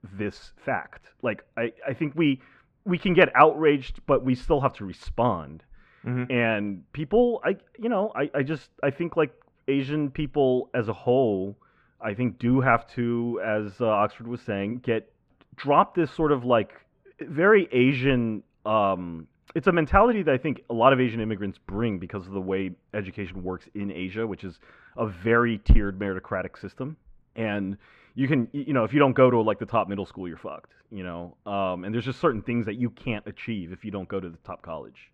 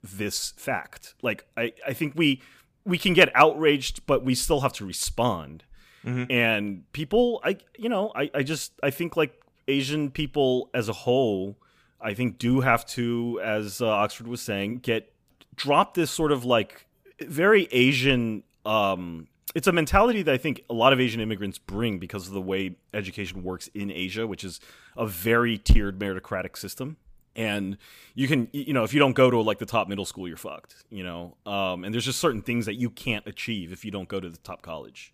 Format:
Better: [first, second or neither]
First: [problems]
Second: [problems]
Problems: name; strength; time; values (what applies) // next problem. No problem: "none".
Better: second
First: muffled; very; fading above 1.5 kHz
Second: none